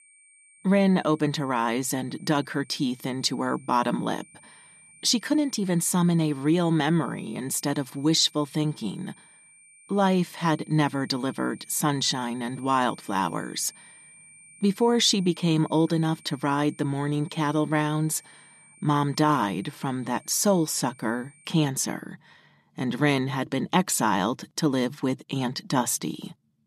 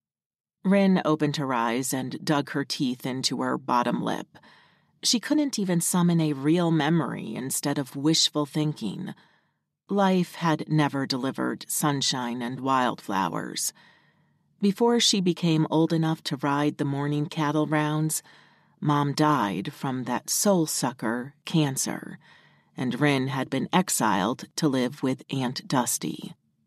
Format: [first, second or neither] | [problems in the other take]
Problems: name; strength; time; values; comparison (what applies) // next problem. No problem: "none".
second | high-pitched whine; faint; until 22 s; 9 kHz, 25 dB below the speech